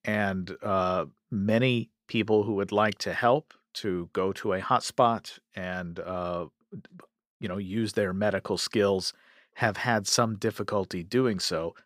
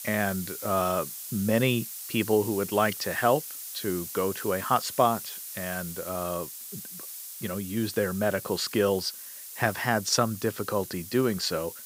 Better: first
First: none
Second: hiss; loud; throughout; 9 dB below the speech

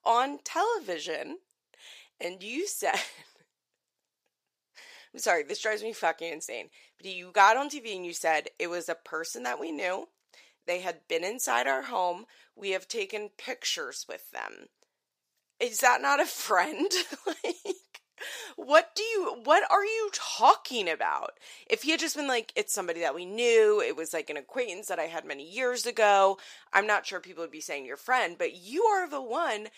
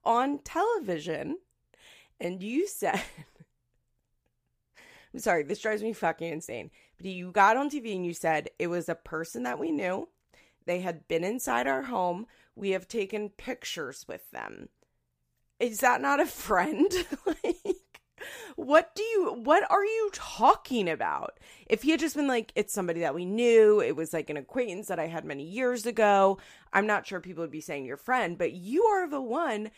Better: second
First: thin; somewhat; fading below 450 Hz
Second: none

